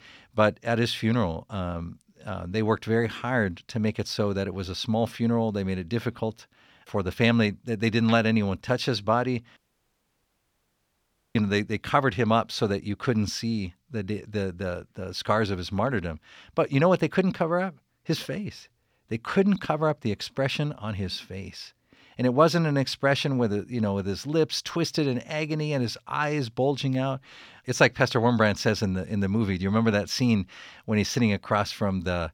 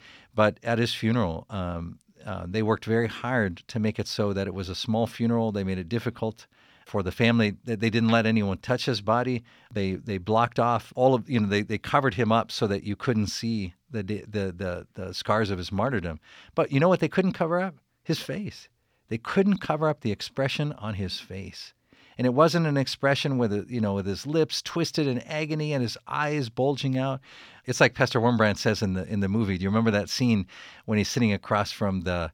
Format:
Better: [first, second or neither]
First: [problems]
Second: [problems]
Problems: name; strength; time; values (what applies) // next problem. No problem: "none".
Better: second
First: audio cutting out; at 9.5 s for 2 s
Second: none